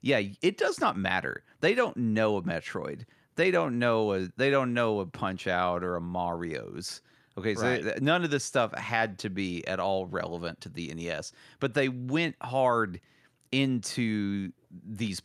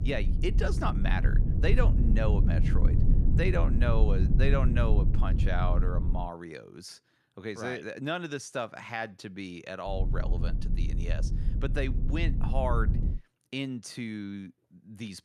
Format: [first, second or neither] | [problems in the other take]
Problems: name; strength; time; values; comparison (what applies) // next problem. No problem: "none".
first | low rumble; loud; until 6 s and from 10 to 13 s; 7 dB below the speech